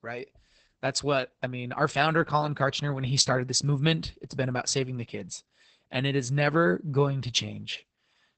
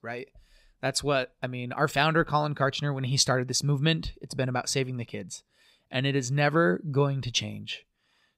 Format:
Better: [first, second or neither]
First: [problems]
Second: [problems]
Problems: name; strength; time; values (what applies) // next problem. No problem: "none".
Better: second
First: garbled, watery; badly; nothing above 8 kHz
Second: none